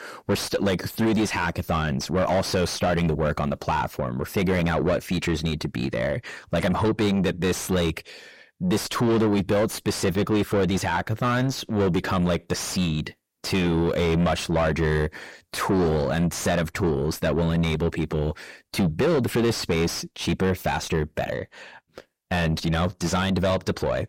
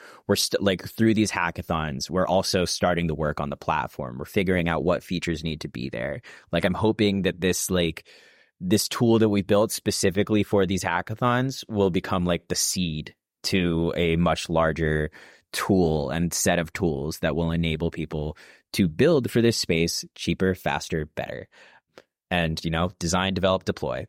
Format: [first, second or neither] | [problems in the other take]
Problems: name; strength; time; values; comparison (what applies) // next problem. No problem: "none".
second | distortion; heavy; 7 dB below the speech